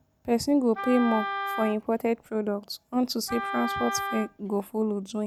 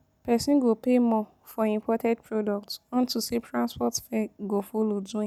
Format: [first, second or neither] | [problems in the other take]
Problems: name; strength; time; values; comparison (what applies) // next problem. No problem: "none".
second | background sound (Wind instrument, woodwind instrument); 7 dB below the speech